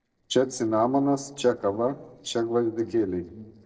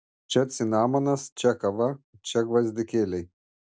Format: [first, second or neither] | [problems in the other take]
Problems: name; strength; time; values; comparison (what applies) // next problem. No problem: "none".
second | noise reduction (neural separator model SepFormer DNS4)